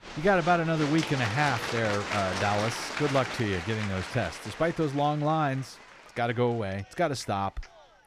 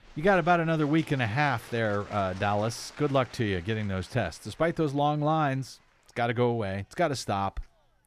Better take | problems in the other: second | crowd noise; loud; throughout; 6 dB below the speech; faint in the second

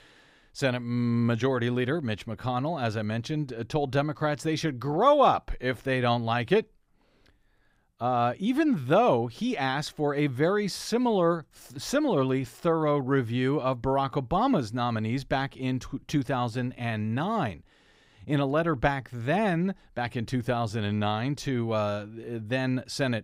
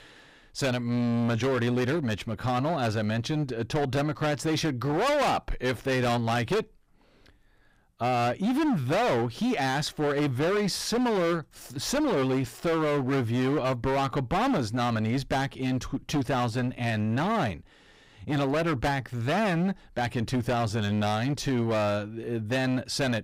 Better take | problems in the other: first | distortion; heavy; 22% of the sound clipped

